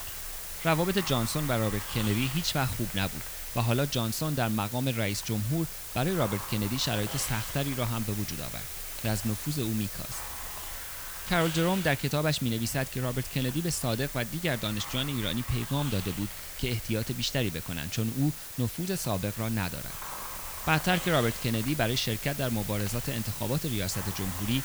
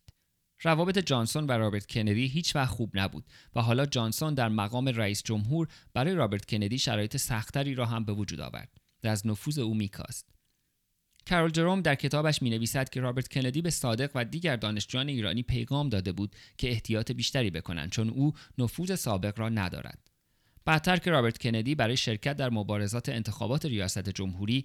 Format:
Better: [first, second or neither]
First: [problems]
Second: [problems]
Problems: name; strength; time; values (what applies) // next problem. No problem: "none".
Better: second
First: hiss; loud; throughout; 6 dB below the speech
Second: none